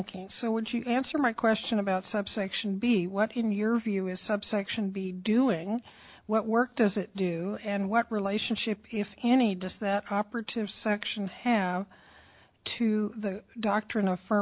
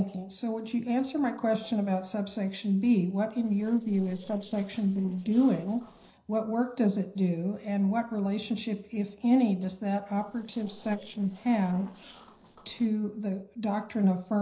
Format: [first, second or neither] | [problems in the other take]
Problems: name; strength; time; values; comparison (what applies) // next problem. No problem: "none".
first | noise reduction (neural separator model SepFormer DNS4)